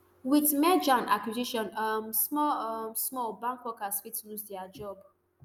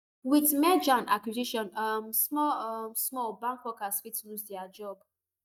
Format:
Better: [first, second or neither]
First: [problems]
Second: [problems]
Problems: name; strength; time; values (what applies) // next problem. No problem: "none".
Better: first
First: none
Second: noise reduction (neural mask model DeepFilterNet 3)